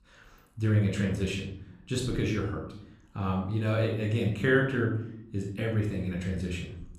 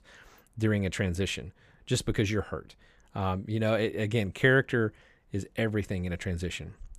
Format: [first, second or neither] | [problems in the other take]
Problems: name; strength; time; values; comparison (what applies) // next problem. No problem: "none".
second | off-mic speech; somewhat distant // room echo; noticeable; dies away in 0.6 s